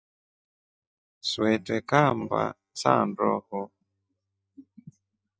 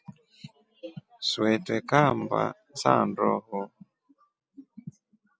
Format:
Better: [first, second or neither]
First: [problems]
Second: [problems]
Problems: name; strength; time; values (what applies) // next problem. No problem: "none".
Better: second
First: noise reduction (neural mask model DeepFilterNet 3)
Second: none